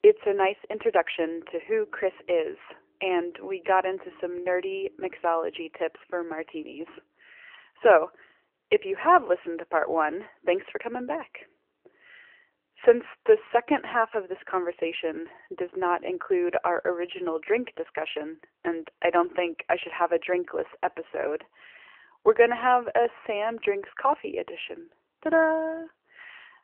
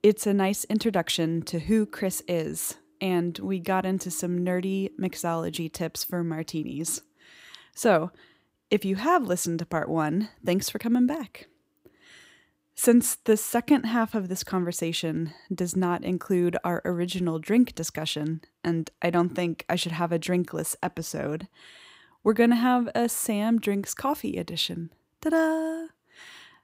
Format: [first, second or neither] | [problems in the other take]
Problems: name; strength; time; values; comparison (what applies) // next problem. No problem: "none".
second | phone-call audio; nothing above 3 kHz